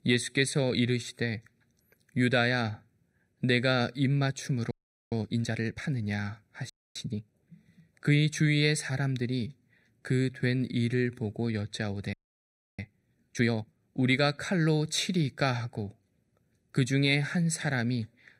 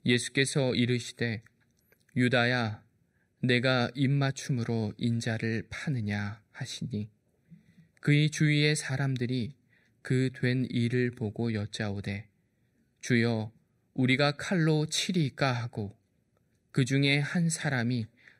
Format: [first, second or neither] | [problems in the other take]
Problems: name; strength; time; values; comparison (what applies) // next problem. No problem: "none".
second | audio freezing; at 4.5 s, at 6.5 s and at 12 s for 0.5 s